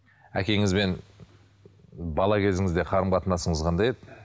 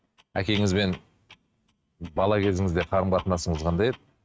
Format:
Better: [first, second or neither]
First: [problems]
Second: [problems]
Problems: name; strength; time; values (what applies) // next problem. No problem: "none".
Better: first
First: none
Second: noise reduction (neural mask model RNNoise)